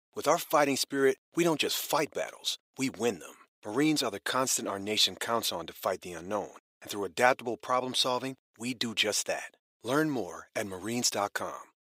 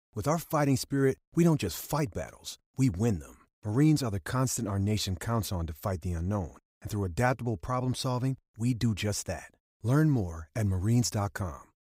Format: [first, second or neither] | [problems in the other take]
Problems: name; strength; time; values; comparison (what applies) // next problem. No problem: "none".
second | thin; somewhat; fading below 450 Hz